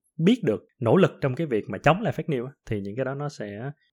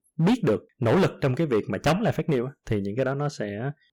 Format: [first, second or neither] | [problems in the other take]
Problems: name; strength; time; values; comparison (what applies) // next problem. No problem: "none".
first | distortion; heavy; 8% of the sound clipped